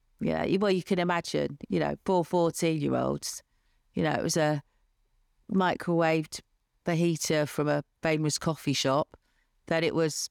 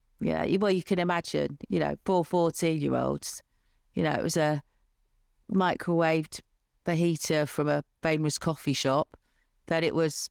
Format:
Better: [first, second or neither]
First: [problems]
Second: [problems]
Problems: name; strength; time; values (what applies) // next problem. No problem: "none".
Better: first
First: none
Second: garbled, watery; slightly; nothing above 15.5 kHz